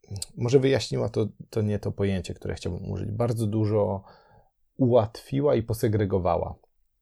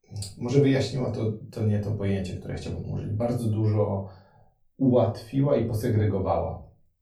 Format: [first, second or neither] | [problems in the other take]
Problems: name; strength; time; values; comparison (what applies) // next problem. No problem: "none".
first | off-mic speech; far // room echo; slight; dies away in 0.3 s